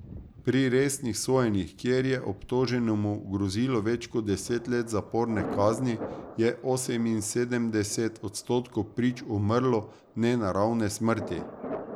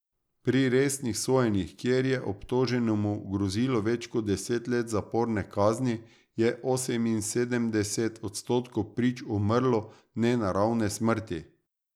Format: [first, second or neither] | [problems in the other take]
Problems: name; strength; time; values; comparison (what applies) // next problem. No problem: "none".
second | background sound (Thunder); 15 dB below the speech